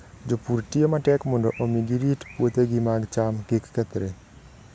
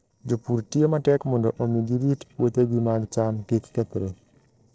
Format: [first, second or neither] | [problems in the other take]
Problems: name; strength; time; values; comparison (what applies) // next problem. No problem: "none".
first | noise reduction (neural separator model SepFormer DNS4)